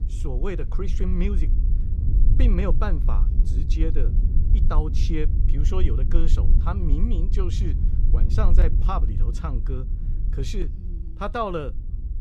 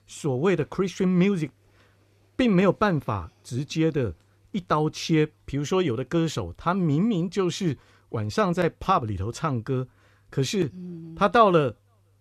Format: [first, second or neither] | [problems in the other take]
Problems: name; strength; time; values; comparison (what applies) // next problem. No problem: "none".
second | wind noise on the microphone; heavy; 9 dB below the speech